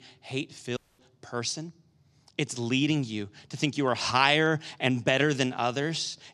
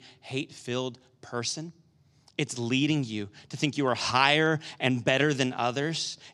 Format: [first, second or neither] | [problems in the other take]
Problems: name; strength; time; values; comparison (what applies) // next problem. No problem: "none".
second | audio cutting out; at 1 s